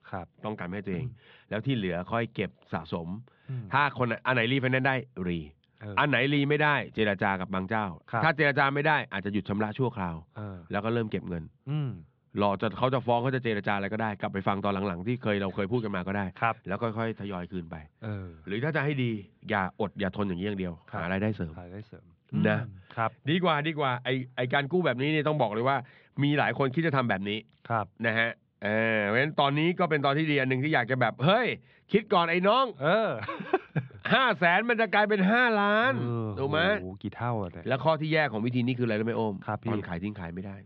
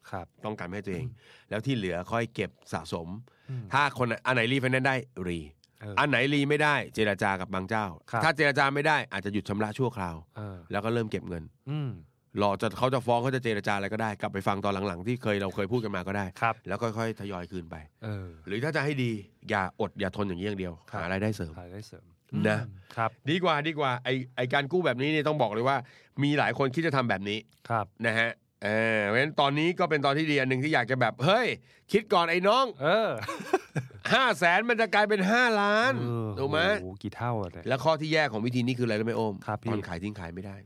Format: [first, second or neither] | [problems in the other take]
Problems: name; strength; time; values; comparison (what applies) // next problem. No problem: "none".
second | muffled; slightly; fading above 3.5 kHz